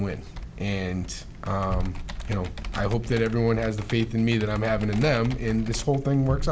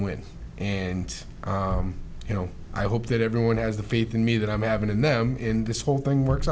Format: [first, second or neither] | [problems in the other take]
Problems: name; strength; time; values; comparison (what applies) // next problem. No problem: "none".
second | background sound (Computer keyboard); 13 dB below the speech